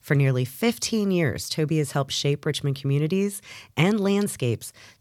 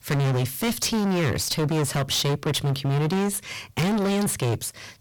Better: first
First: none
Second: distortion; heavy; 36% of the sound clipped

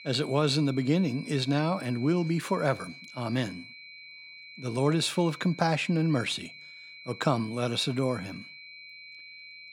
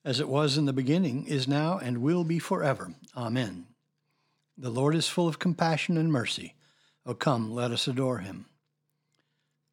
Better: second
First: high-pitched whine; noticeable; throughout; 2.5 kHz, 15 dB below the speech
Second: none

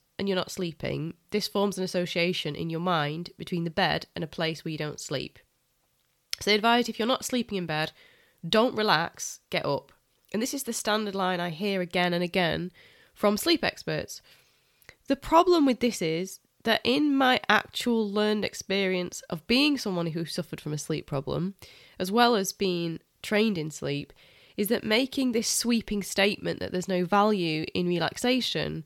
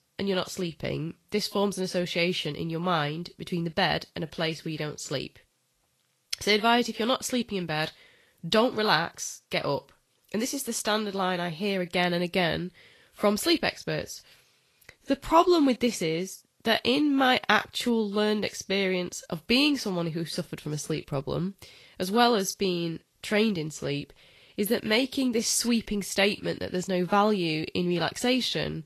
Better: first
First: none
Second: garbled, watery; slightly; nothing above 12.5 kHz

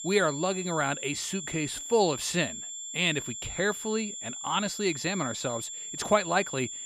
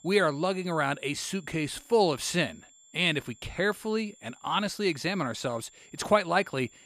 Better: second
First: high-pitched whine; loud; throughout; 7.5 kHz, 7 dB below the speech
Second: high-pitched whine; faint; throughout; 7.5 kHz, 25 dB below the speech

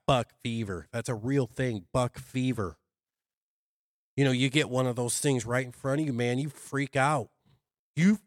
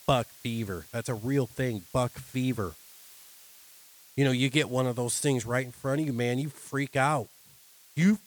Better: first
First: none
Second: hiss; faint; throughout; 20 dB below the speech

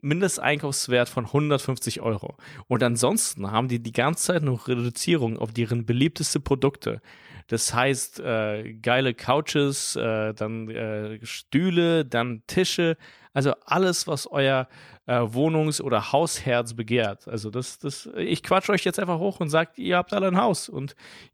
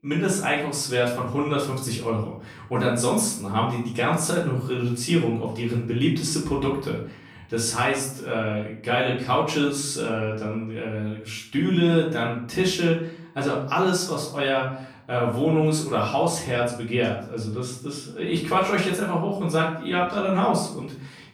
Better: first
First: none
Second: off-mic speech; far // room echo; noticeable; dies away in 0.5 s

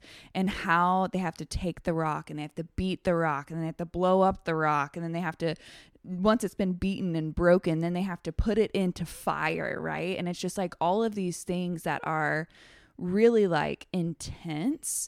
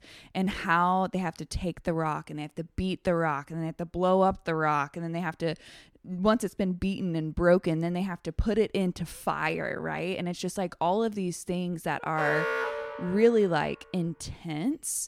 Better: first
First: none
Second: alarm; loud; from 12 to 13 s; peak level with the speech

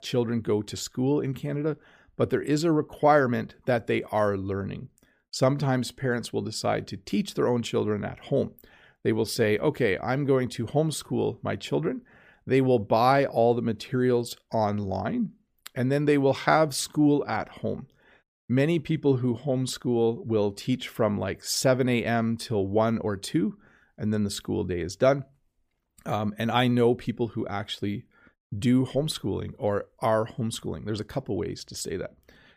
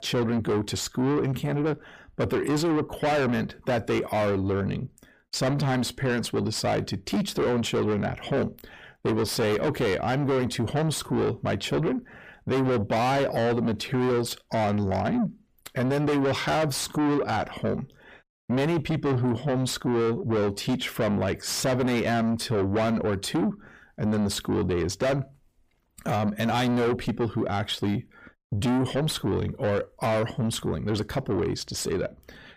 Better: first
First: none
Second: distortion; heavy; 6 dB below the speech

